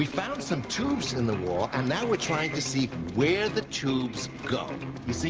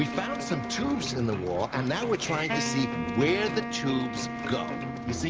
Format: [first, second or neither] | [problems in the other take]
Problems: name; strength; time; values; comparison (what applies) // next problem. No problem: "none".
first | background sound (Wind instrument, woodwind instrument); 6 dB below the speech